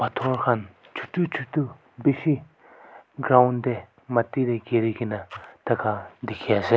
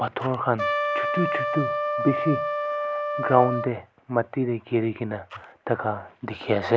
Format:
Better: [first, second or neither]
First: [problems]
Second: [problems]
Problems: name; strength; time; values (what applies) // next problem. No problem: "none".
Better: first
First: none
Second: background sound (Trumpet); 1 dB below the speech